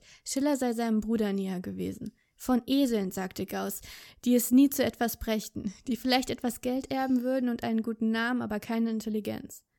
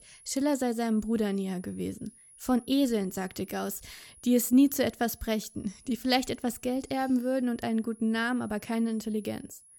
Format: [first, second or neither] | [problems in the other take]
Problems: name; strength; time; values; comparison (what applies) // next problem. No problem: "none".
first | high-pitched whine; faint; throughout; 10.5 kHz, 25 dB below the speech